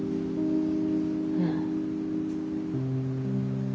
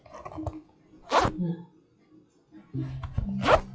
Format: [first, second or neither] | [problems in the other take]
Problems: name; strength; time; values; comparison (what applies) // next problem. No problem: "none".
first | noise reduction (classical method WPE with log-MMSE)